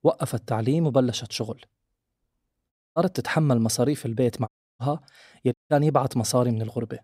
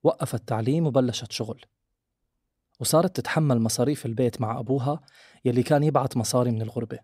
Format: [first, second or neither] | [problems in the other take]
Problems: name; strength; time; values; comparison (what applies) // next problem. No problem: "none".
second | audio cutting out; at 2.5 s, at 4.5 s and at 5.5 s